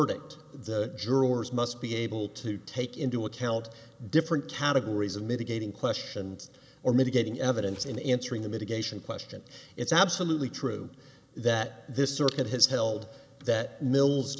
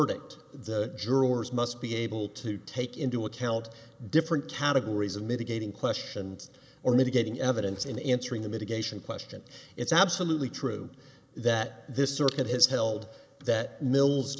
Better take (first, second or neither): first